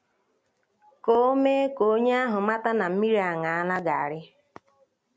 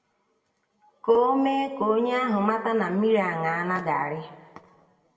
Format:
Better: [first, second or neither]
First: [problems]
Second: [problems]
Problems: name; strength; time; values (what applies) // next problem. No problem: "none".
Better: first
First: none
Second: room echo; dies away in 1.3 s